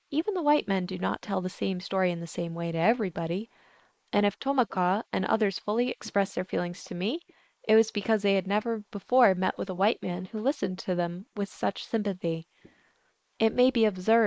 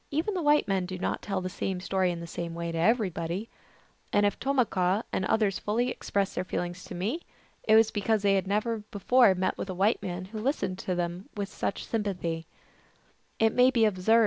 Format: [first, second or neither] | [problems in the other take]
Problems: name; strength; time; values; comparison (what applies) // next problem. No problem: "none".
second | noise reduction (neural mask model Resemble Enhance denoiser)